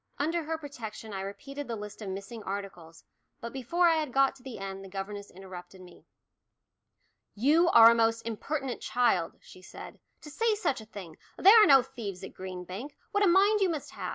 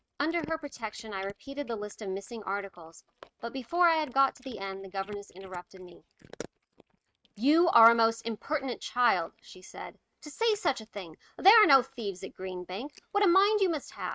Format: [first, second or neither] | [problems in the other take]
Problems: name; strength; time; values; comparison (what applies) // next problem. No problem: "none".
first | noise reduction (neural mask model RNNoise)